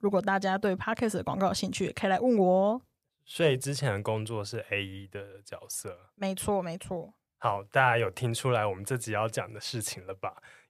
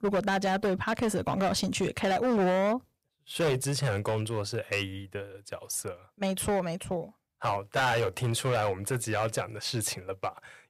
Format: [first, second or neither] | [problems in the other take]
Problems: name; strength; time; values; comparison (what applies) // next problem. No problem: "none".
first | distortion; heavy; 11% of the sound clipped